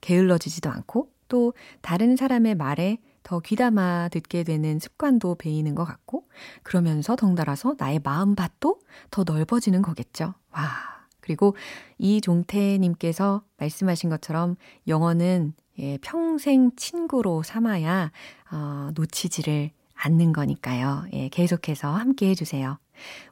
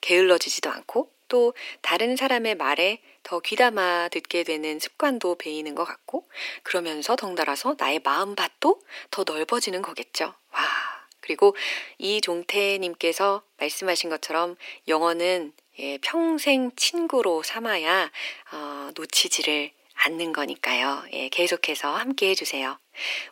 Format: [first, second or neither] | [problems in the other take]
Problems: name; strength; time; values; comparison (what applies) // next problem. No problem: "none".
first | thin; very; fading below 350 Hz